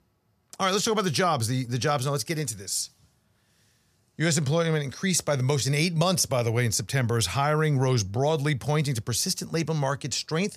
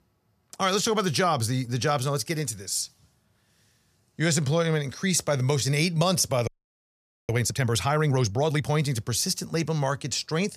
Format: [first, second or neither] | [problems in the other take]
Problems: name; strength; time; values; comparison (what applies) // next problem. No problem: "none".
first | audio freezing; at 6.5 s for 1 s